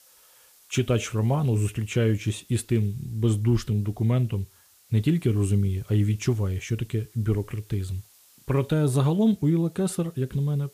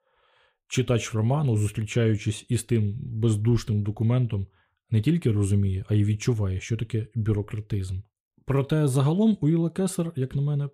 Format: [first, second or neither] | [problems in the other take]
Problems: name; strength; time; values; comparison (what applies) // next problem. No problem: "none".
second | hiss; faint; throughout; 30 dB below the speech